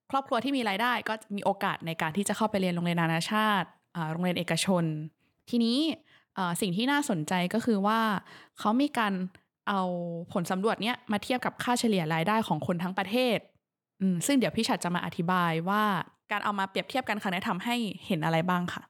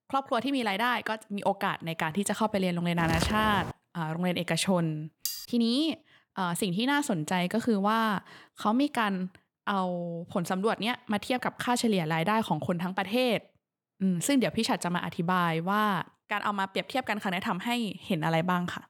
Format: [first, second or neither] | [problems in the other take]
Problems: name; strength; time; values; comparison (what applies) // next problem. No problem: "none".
first | footsteps; noticeable; at 3 s; peak 3 dB below the speech // clattering dishes; noticeable; at 5.5 s; peak 5 dB below the speech